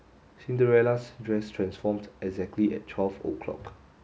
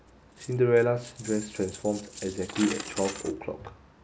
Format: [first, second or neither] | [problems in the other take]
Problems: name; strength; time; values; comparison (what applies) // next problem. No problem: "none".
first | background sound (Coin (dropping)); 12 dB below the speech